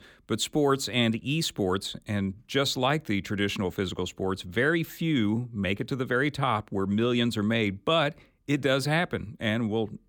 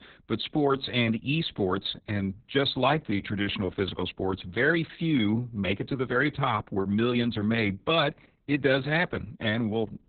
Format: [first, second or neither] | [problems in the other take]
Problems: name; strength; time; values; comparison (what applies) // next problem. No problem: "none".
first | garbled, watery; badly; nothing above 4 kHz